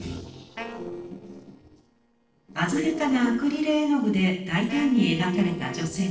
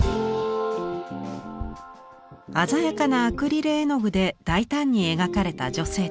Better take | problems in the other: second | noise reduction (neural separator model SepFormer DNS4)

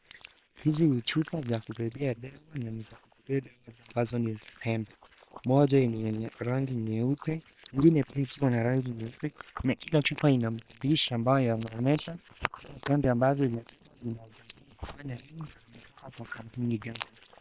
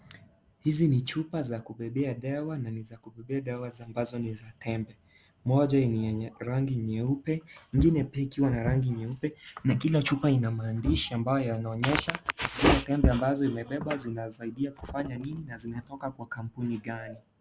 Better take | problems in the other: second | noise reduction (neural separator model SepFormer WHAM!)

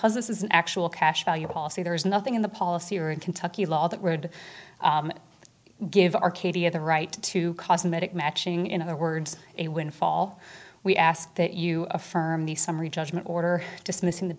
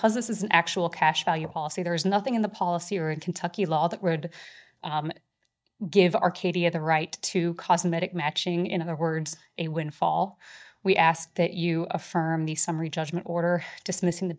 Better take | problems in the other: first | noise reduction (neural mask model DeepFilterNet 3)

